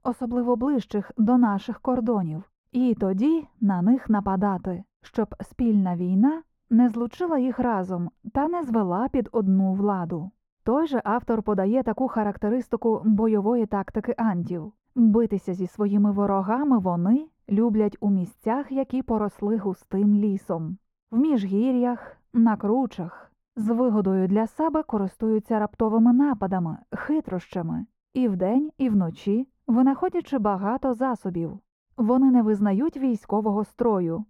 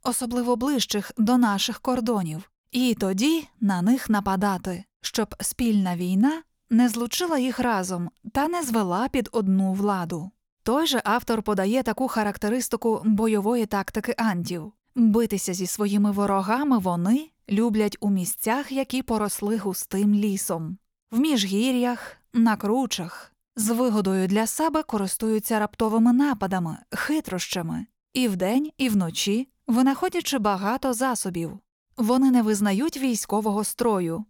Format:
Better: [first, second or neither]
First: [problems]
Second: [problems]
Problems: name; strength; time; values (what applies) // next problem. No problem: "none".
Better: second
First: muffled; very; fading above 2.5 kHz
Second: none